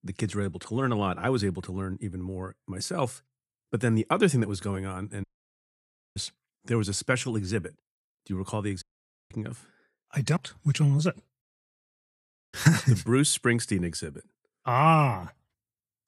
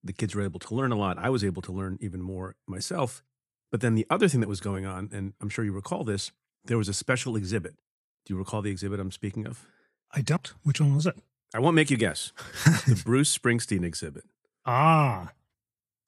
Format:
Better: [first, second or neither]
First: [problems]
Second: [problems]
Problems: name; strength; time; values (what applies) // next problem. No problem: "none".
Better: second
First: audio cutting out; at 5 s for 1 s, at 9 s and at 11 s for 1 s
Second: none